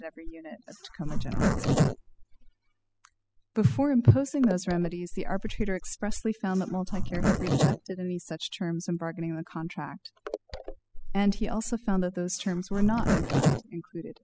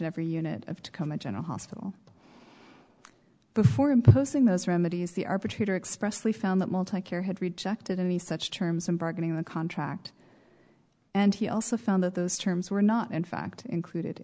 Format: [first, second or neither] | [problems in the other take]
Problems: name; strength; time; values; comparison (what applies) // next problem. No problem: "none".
second | noise reduction (classical method spectral subtraction)